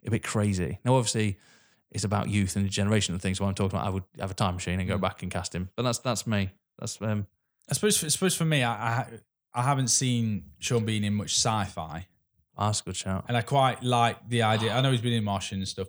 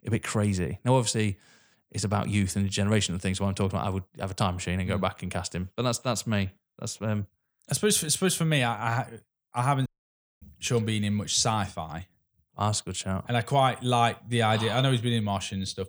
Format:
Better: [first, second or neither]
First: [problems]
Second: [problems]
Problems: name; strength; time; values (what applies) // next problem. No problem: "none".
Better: first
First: none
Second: audio cutting out; at 10 s for 0.5 s